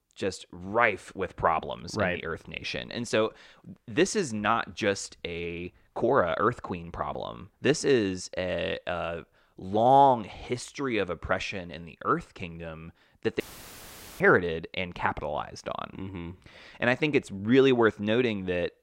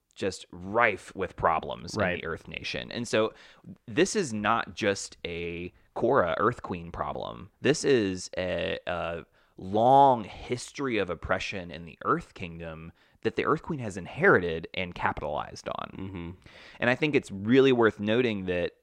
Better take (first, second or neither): second